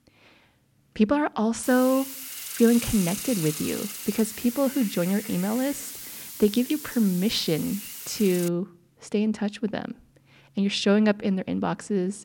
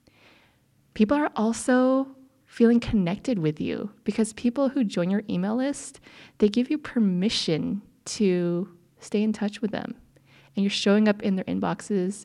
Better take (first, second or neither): second